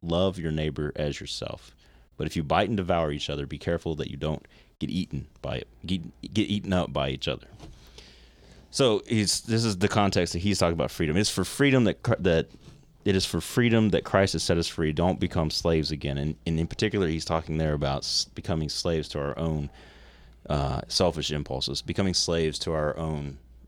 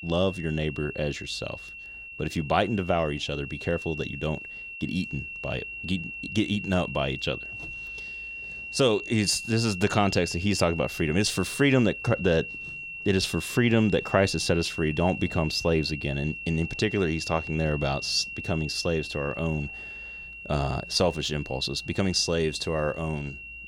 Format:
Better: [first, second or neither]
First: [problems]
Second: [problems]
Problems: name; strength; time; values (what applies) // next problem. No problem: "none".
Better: first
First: none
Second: high-pitched whine; loud; throughout; 2.5 kHz, 9 dB below the speech